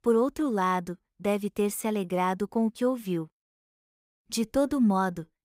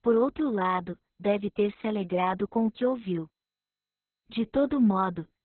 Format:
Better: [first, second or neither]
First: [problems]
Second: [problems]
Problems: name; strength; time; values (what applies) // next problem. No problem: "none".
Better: first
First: none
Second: garbled, watery; badly; nothing above 4 kHz